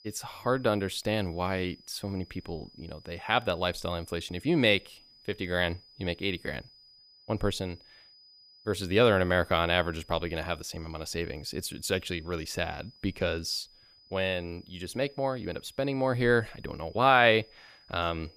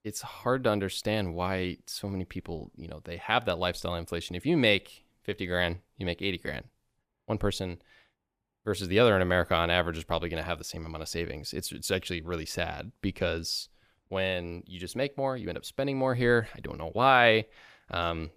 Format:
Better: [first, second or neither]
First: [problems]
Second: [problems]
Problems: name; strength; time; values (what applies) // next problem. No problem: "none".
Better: second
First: high-pitched whine; faint; throughout; 5 kHz, 25 dB below the speech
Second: none